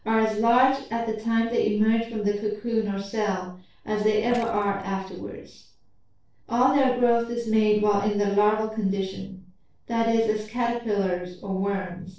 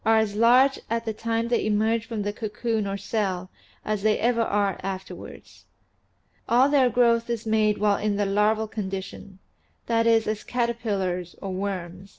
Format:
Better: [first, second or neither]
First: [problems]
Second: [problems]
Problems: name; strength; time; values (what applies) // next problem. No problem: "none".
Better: second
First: noise reduction (neural separator model SepFormer DNS4)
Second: none